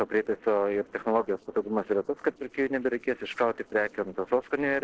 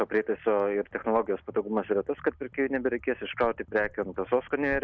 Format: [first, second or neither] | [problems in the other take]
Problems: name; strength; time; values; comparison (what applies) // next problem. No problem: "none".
second | noise reduction (neural separator model SepFormer DNS4)